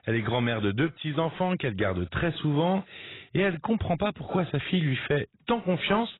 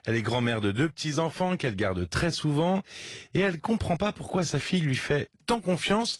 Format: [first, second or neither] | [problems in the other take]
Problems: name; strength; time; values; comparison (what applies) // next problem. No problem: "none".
second | garbled, watery; badly; nothing above 4 kHz; slightly in the second